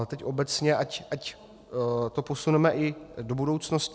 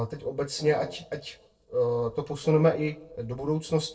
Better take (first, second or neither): first